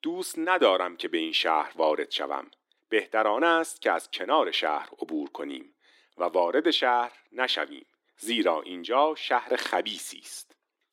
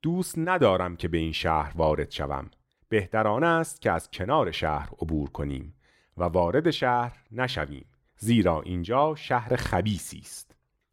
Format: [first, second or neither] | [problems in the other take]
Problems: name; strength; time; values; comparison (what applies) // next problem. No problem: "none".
second | thin; somewhat; fading below 300 Hz